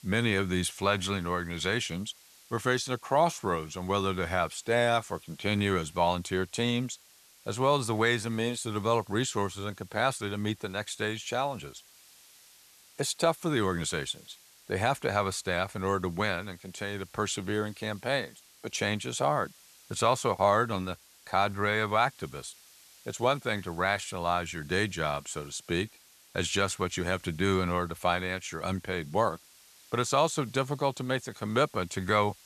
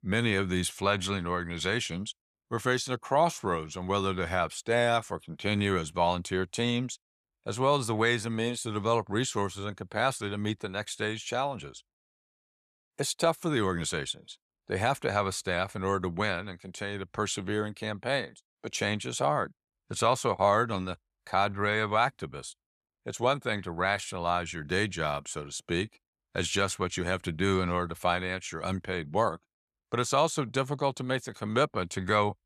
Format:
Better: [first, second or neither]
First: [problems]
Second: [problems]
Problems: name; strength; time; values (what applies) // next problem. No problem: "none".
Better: second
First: hiss; faint; throughout; 25 dB below the speech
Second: none